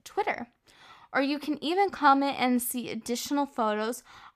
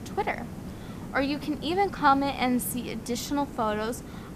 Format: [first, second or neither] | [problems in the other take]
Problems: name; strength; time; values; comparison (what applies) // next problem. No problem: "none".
first | hiss; noticeable; throughout; 10 dB below the speech